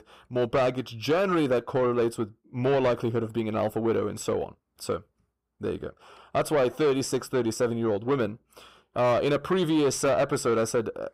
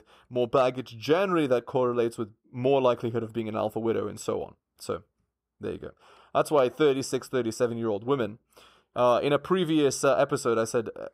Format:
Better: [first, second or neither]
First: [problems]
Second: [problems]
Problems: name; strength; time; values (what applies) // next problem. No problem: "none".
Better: second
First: distortion; slight; 10 dB below the speech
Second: none